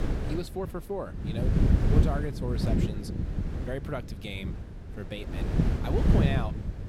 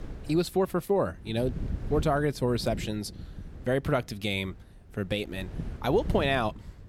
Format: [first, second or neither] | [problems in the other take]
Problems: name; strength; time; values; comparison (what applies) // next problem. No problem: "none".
second | wind noise on the microphone; heavy; as loud as the speech; occasional gusts in the second